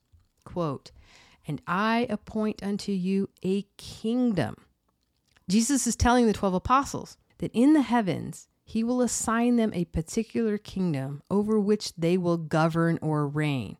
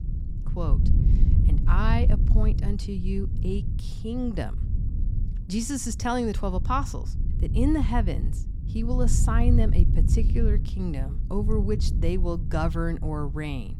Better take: first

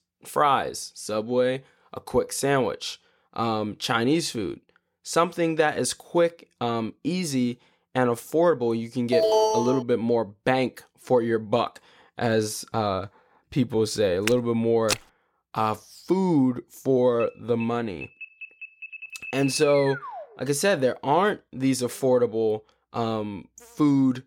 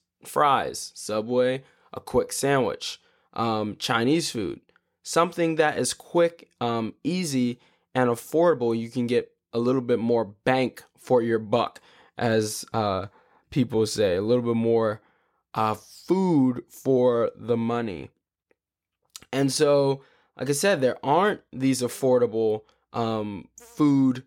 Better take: second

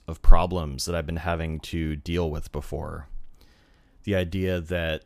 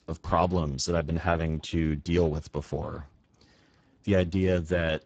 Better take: first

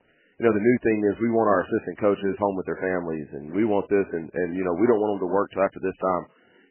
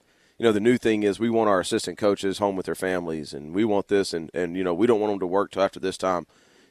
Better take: second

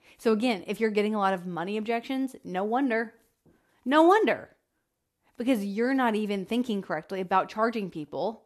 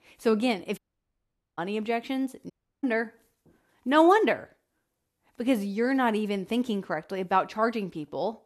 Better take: first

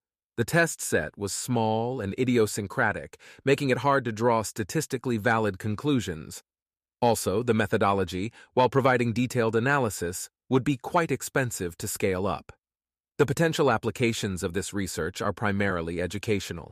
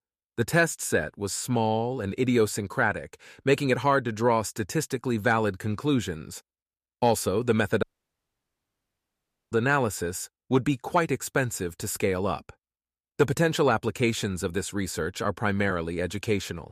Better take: first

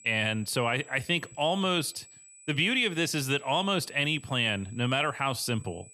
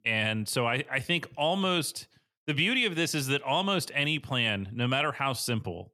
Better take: second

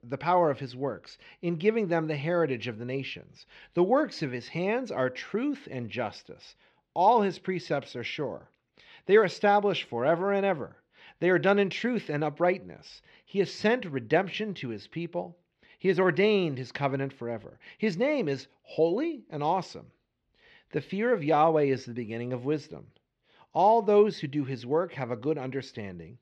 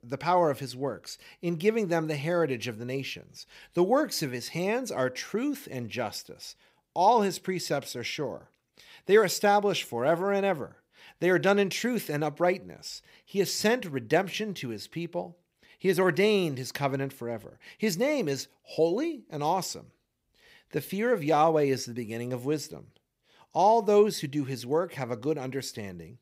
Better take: second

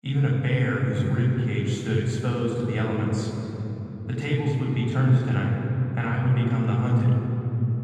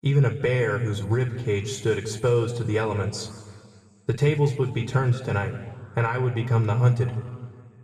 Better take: second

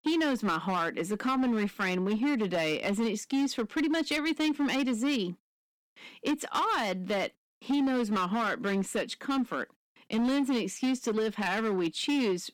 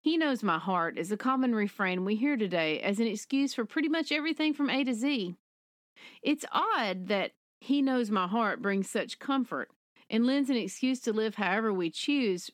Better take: second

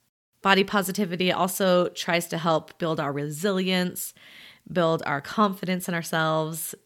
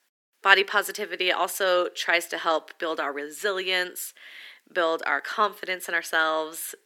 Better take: first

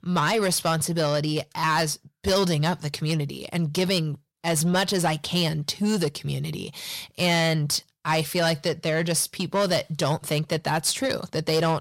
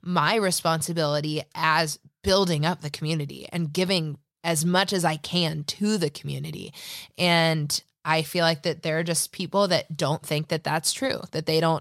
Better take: second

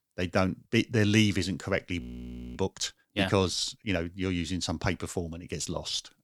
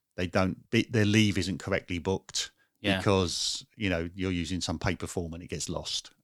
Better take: second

